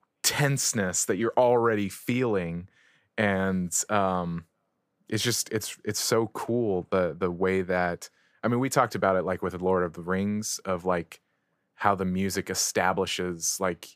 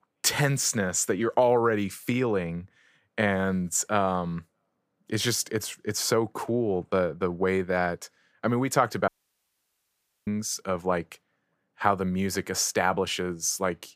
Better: first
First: none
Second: audio cutting out; at 9 s for 1 s

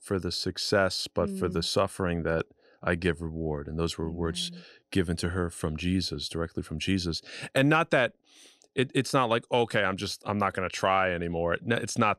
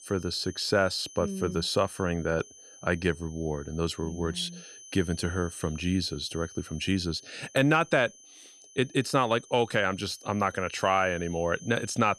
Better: first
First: none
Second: high-pitched whine; noticeable; throughout; 6 kHz, 20 dB below the speech

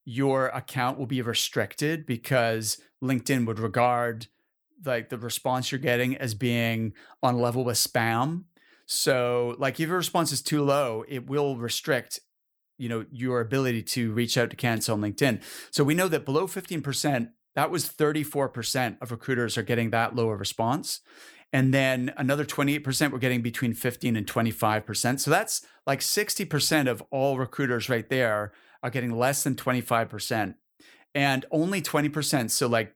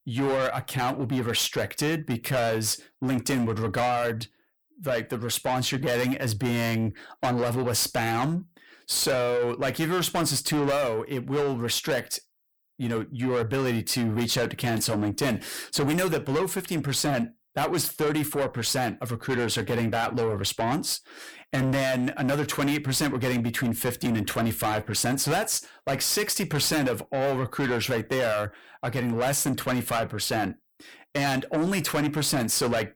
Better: first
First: none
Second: distortion; heavy; 6 dB below the speech

